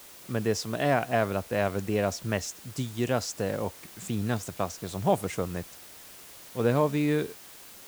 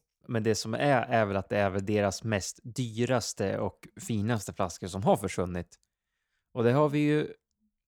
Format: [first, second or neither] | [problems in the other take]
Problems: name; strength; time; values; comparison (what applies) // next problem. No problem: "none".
second | hiss; noticeable; throughout; 15 dB below the speech